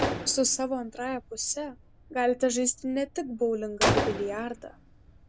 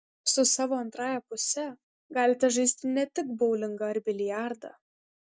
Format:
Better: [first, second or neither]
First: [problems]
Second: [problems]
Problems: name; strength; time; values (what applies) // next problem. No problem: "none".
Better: second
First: background sound (Gunshot, gunfire); 4 dB below the speech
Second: none